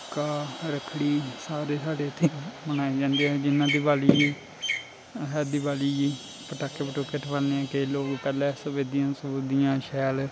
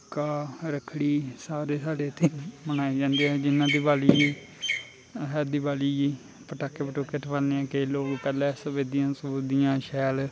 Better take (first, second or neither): second